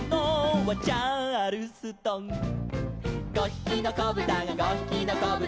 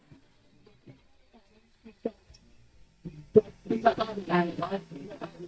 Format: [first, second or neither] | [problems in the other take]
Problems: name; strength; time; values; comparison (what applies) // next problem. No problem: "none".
first | noise reduction (neural mask model DeepFilterNet 3)